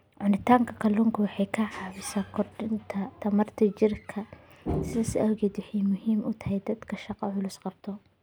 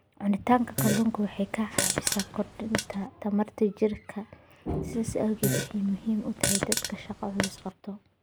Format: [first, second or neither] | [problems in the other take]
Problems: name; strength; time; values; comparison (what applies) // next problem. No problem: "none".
first | background sound (Fart); 2 dB below the speech